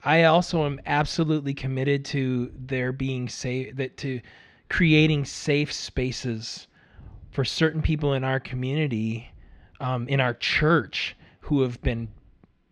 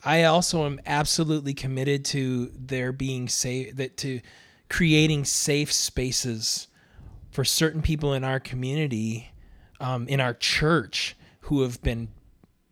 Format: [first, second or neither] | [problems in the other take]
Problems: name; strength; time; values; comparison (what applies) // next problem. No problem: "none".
second | muffled; slightly; fading above 3 kHz